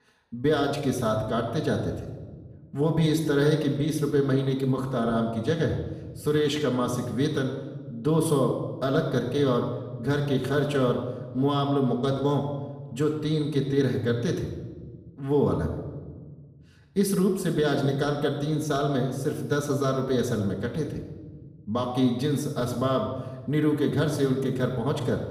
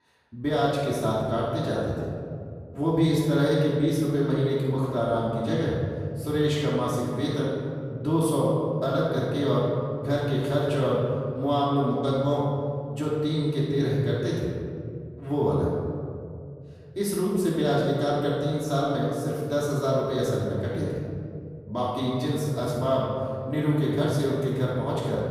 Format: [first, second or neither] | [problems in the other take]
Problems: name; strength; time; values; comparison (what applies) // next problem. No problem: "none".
first | room echo; strong; dies away in 2.4 s; slight in the first // off-mic speech; far; far in the first